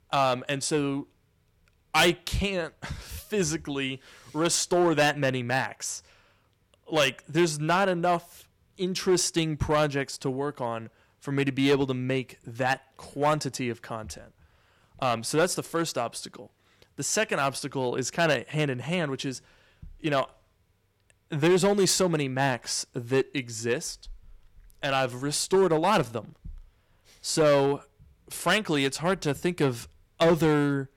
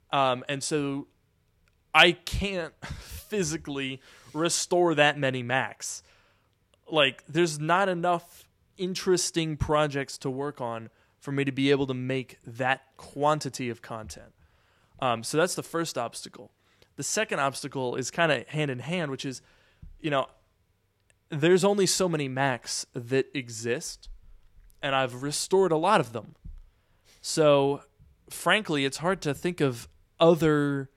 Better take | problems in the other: second | distortion; slight; 3% of the sound clipped

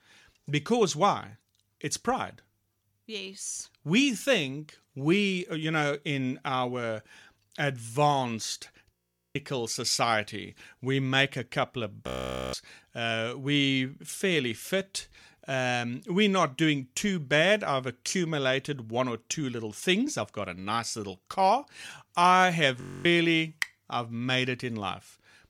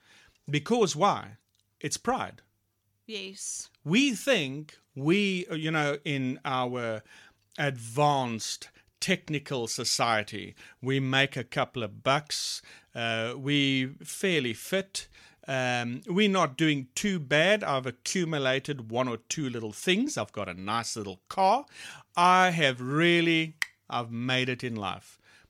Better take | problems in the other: second | audio freezing; at 9 s, at 12 s and at 23 s

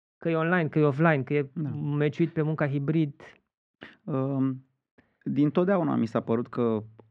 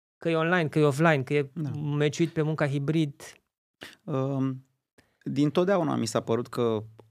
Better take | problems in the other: second | muffled; very; fading above 2 kHz

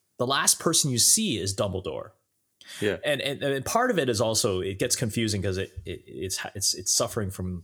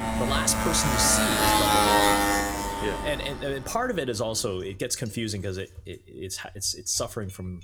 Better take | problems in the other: first | traffic noise; very loud; throughout; 5 dB above the speech

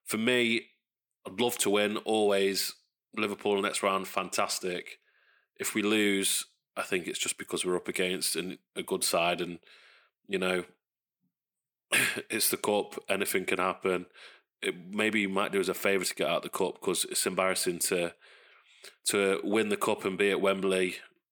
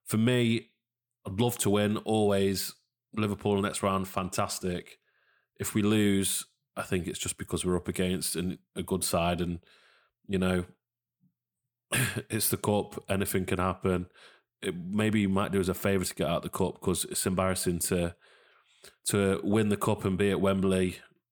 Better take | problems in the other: second | thin; somewhat; fading below 350 Hz

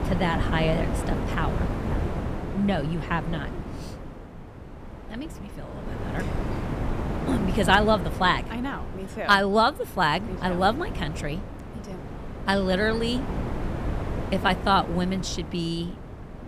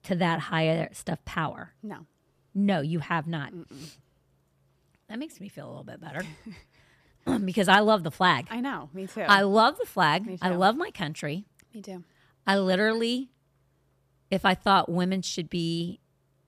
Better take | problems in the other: second | wind noise on the microphone; occasional gusts; 10 dB below the speech

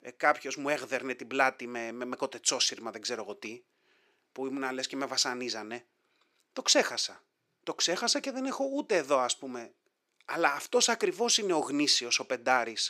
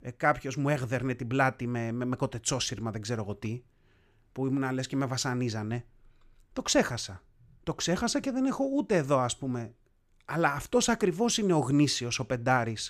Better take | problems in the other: second | thin; somewhat; fading below 350 Hz

